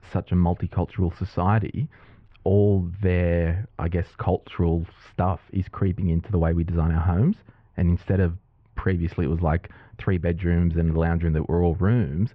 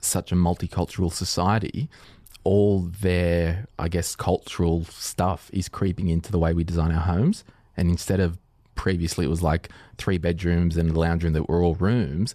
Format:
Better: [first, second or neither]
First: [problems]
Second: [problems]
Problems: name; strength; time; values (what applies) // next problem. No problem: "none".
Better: second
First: muffled; very; fading above 2.5 kHz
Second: none